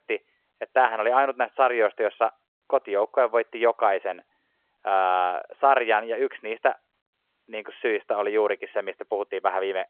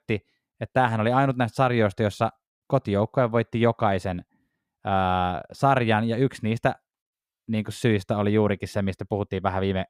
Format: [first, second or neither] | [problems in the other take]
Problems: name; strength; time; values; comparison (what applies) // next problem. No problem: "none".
second | phone-call audio